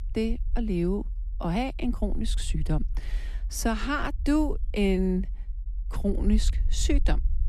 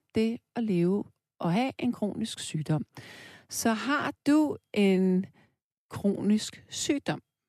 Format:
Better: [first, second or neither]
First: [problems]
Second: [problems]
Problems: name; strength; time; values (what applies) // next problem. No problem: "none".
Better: second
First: low rumble; faint; throughout; 25 dB below the speech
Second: none